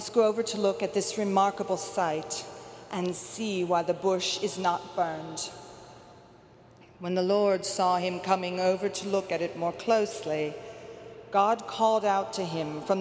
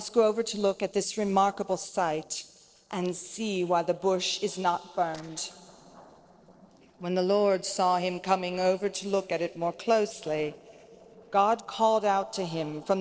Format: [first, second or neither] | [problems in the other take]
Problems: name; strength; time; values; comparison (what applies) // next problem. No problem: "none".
first | noise reduction (neural separator model SepFormer DNS4)